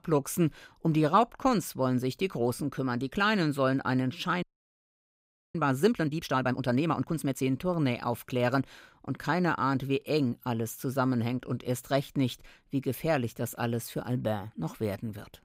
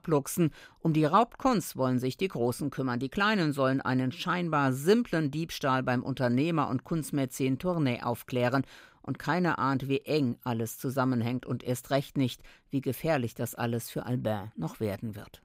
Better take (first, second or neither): second